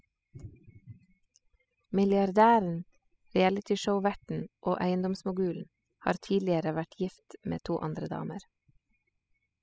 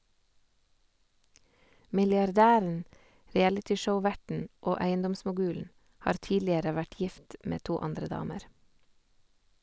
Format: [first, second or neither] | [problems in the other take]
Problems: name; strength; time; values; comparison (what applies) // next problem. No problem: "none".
second | noise reduction (classical method spectral subtraction)